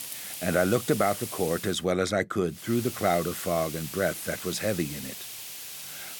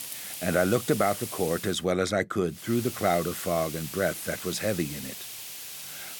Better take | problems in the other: neither | hiss; loud; until 1.5 s and from 2.5 s on; 9 dB below the speech; the same in both

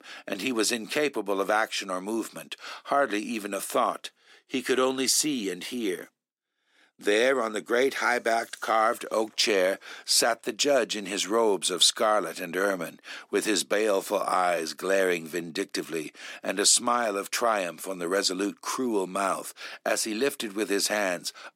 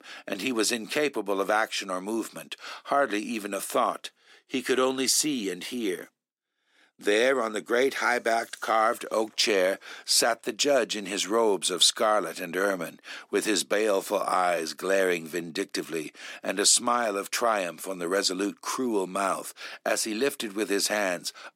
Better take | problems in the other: neither | thin; very slightly; fading below 300 Hz; the same in both

